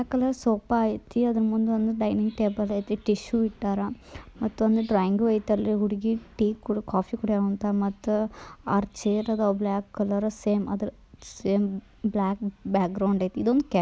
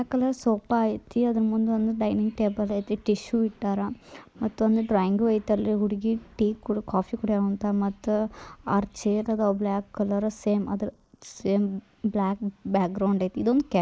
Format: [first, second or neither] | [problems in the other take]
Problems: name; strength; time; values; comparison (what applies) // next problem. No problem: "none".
first | noise reduction (neural mask model Resemble Enhance denoiser)